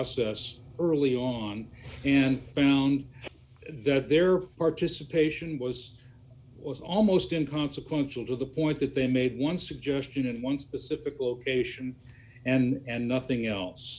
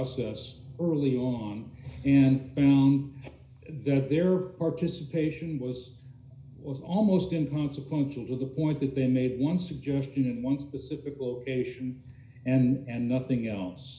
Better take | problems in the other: first | room echo; dies away in 0.5 s

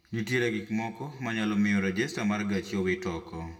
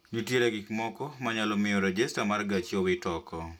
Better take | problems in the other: second | room echo; dies away in 0.9 s

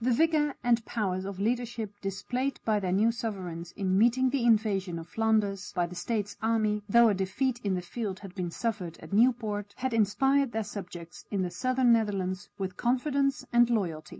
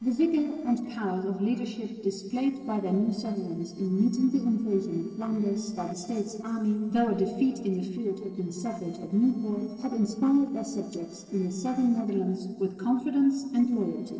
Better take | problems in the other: first | noise reduction (neural separator model SepFormer DNS4)

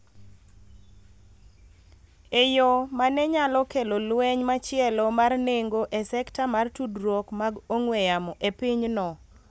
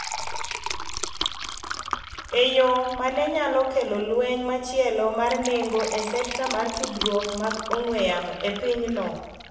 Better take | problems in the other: first | background sound (Fill (with liquid)); 9 dB below the speech // room echo; dies away in 1 s

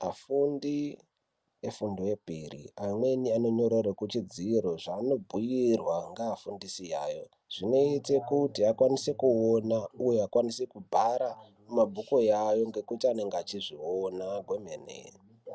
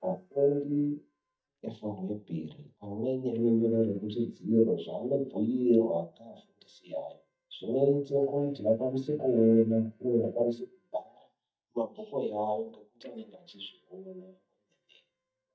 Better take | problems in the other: first | noise reduction (neural mask model DeepFilterNet 3)

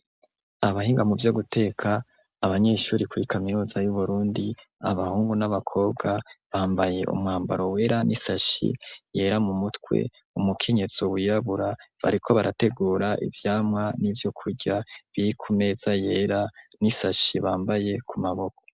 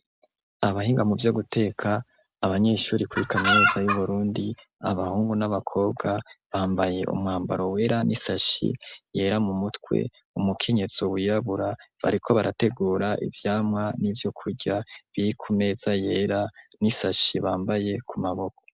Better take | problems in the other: first | background sound (Chicken, rooster); 2 dB above the speech

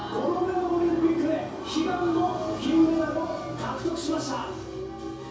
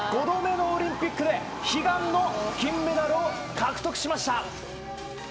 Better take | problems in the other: second | room echo; dies away in 0.6 s

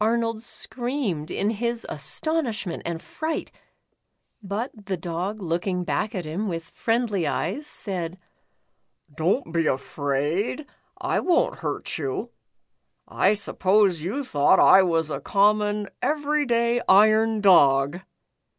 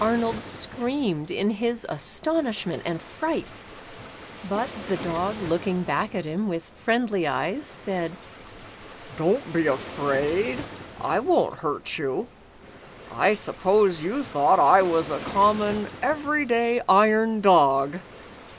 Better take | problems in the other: first | background sound (Waves, surf); 16 dB below the speech

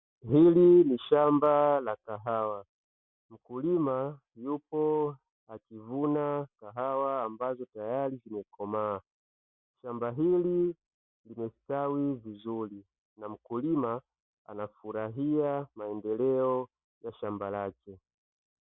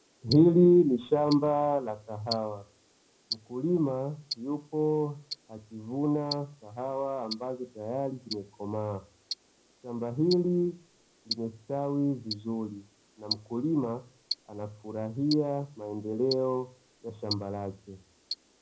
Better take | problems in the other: first | background sound (Tick-tock); 14 dB below the speech // room echo; dies away in 0.4 s

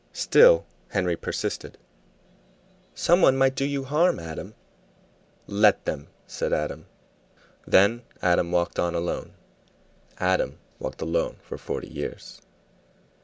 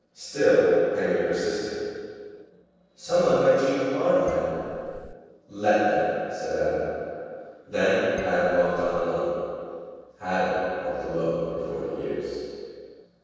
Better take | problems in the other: first | noise reduction (neural separator model SepFormer DNS4)

